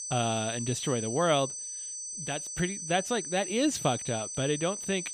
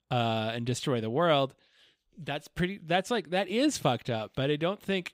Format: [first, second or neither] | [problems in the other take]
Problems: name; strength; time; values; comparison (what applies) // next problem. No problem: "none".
second | high-pitched whine; loud; throughout; 6 kHz, 5 dB below the speech